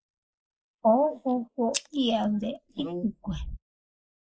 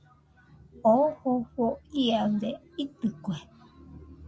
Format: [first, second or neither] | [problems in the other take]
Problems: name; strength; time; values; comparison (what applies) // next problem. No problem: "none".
second | noise reduction (neural mask model Resemble Enhance denoiser)